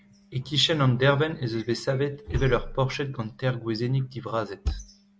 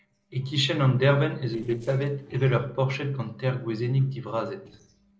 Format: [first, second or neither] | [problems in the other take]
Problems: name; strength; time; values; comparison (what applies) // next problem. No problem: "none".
first | noise reduction (neural separator model SepFormer DNS4)